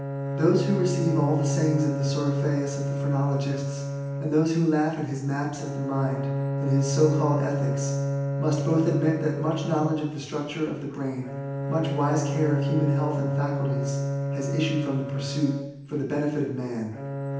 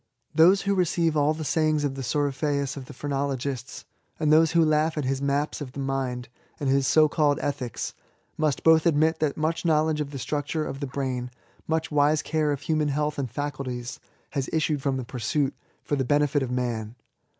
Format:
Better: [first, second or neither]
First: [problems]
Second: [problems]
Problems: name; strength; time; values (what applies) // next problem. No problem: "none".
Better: second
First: background sound (Bowed string instrument); 1 dB below the speech // room echo; dies away in 0.9 s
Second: none